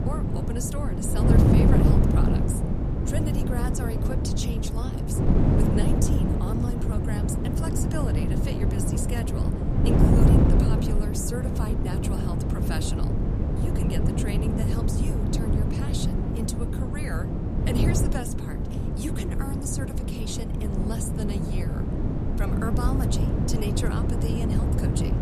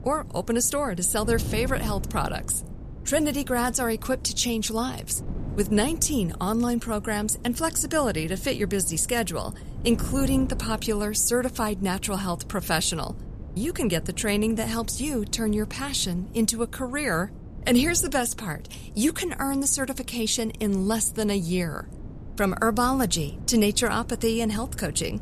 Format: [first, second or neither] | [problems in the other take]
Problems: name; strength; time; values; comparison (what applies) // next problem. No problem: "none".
second | wind noise on the microphone; heavy; 4 dB above the speech; occasional gusts in the second